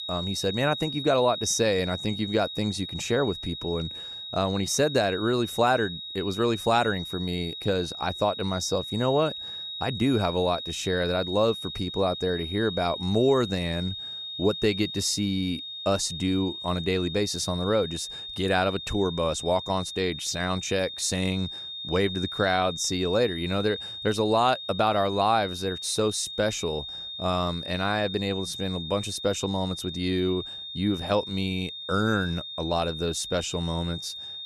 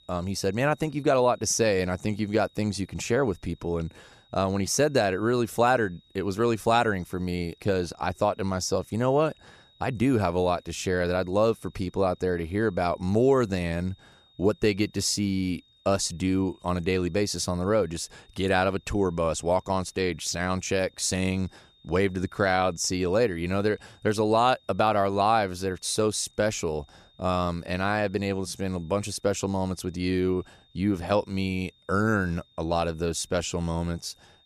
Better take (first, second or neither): second